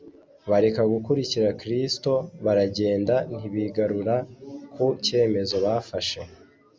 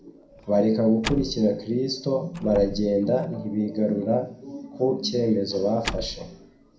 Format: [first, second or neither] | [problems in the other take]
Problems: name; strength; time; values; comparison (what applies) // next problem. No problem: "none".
first | background sound (Slam); 15 dB below the speech // room echo; dies away in 0.4 s